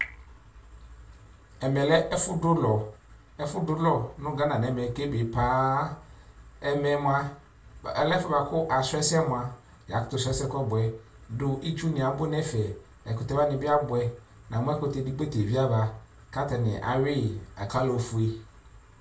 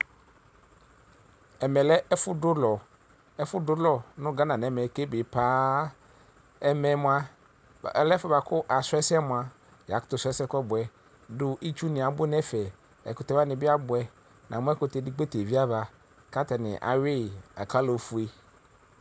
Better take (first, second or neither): second